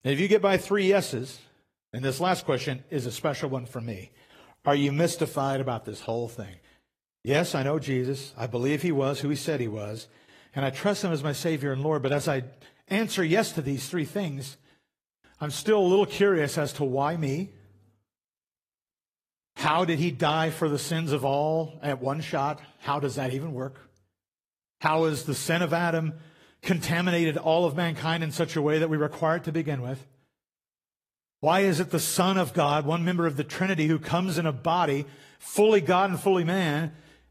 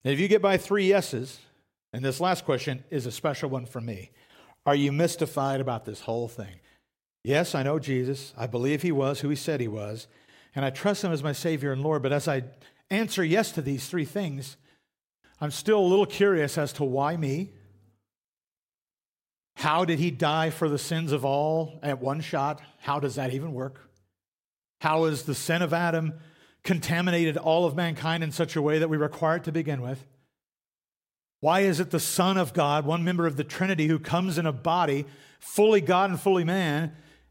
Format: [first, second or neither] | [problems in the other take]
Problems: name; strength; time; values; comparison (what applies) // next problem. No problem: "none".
second | garbled, watery; slightly; nothing above 14.5 kHz